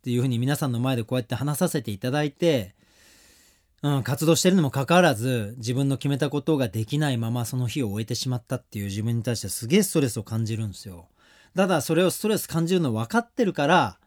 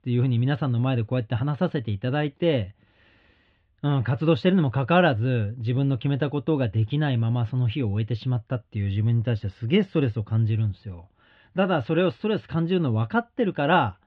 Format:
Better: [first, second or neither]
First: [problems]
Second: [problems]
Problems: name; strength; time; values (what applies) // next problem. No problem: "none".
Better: first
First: none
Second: muffled; very; fading above 3.5 kHz